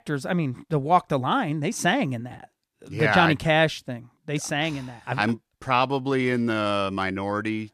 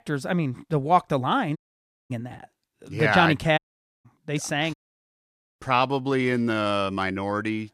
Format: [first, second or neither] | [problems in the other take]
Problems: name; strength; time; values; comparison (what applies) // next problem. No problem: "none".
first | audio cutting out; at 1.5 s for 0.5 s, at 3.5 s and at 4.5 s for 1 s